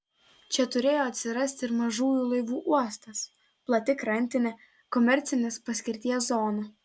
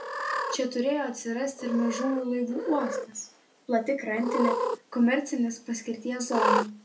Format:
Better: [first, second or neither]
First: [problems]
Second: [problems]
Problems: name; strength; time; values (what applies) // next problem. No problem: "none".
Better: first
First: none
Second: background sound (Cat); 4 dB below the speech // room echo; dies away in 0.3 s